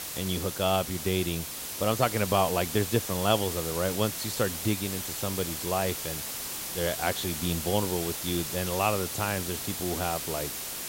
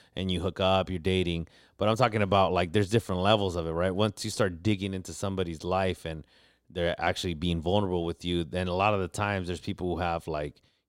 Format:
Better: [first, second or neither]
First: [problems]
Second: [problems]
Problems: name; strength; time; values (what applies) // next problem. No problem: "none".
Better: second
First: hiss; loud; throughout; 3 dB below the speech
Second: none